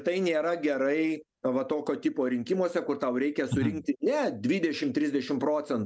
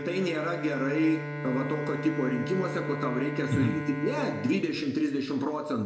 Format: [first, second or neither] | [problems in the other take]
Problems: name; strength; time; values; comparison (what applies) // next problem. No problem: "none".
first | background sound (Bowed string instrument); 7 dB below the speech // room echo; dies away in 0.9 s